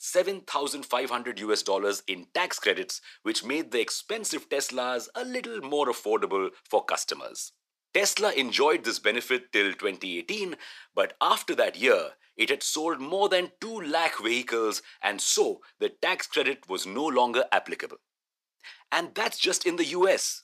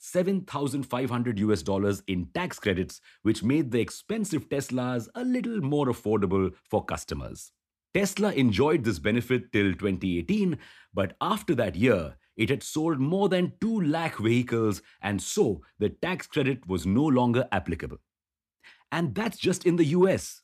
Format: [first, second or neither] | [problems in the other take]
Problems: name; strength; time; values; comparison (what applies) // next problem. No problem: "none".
second | thin; very; fading below 450 Hz